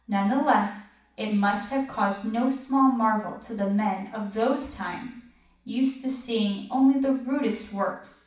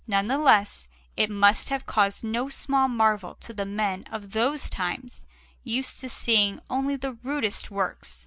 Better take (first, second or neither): second